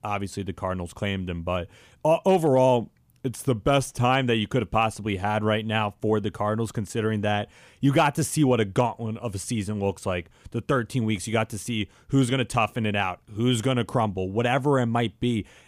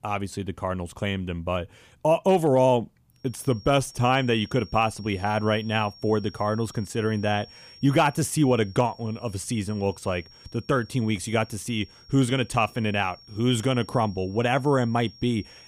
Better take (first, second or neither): first